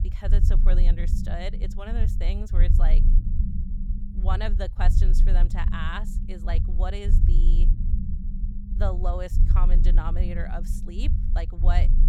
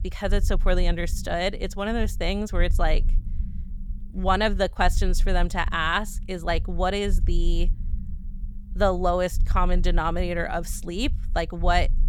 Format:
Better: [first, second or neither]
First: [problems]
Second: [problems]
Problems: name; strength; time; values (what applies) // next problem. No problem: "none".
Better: second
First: low rumble; loud; throughout; 8 dB below the speech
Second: low rumble; faint; throughout; 25 dB below the speech